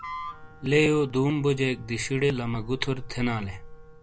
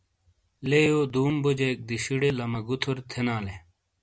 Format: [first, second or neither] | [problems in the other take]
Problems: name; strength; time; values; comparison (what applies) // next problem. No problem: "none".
second | background sound (Thunder + Wind instrument, woodwind instrument); 13 dB below the speech